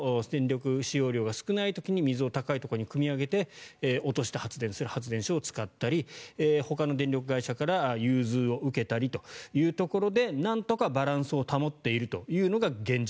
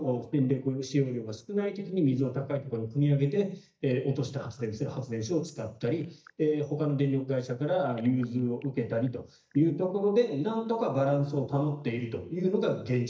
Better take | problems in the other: first | noise reduction (neural mask model DeepFilterNet 3)

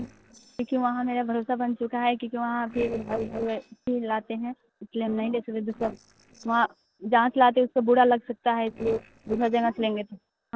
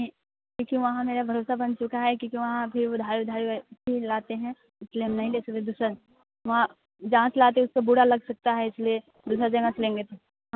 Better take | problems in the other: second | noise reduction (neural separator model SepFormer DNS4)

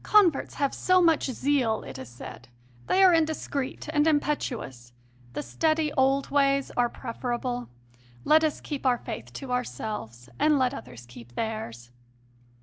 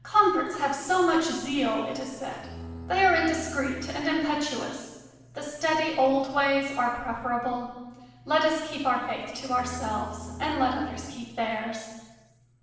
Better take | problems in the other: first | background sound (Bowed string instrument); 13 dB below the speech // room echo; dies away in 1.1 s

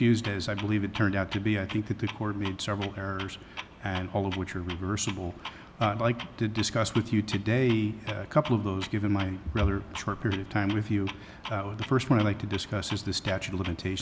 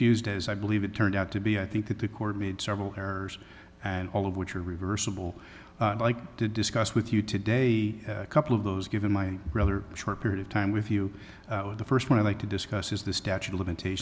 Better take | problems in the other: second | background sound (Clock); 15 dB below the speech

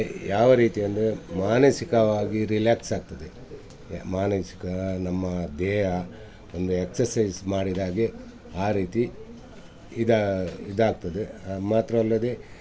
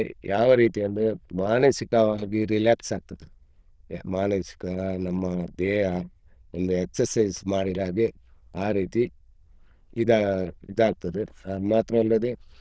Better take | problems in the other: first | noise reduction (neural diffusion model UNIVERSE++)

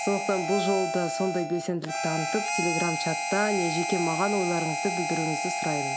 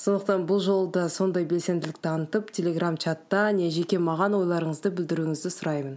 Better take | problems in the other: second | background sound (Harmonica); 1 dB below the speech

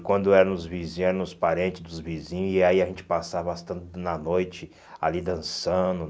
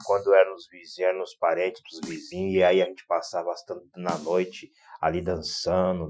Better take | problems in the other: first | noise reduction (classical method Wiener filter)

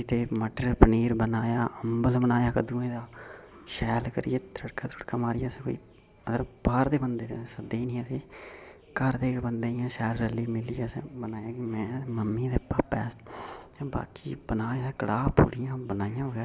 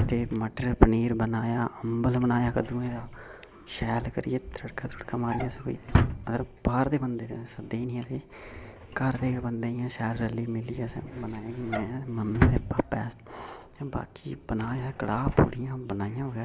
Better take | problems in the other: first | background sound (Drawer open or close); 6 dB below the speech

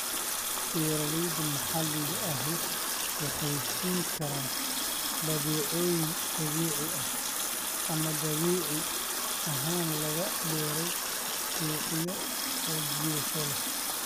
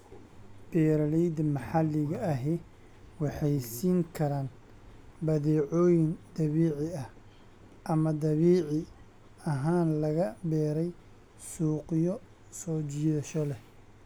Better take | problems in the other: second | background sound (Water tap, faucet); 3 dB above the speech

